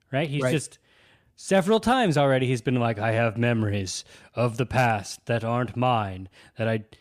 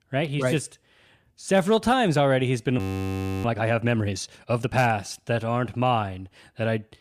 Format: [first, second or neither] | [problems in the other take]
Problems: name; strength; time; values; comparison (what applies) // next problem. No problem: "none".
first | audio freezing; at 3 s for 0.5 s